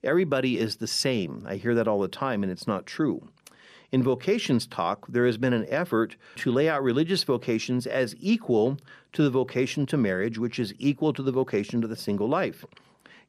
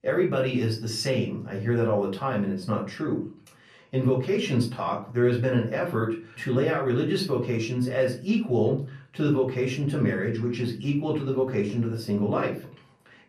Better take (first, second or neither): first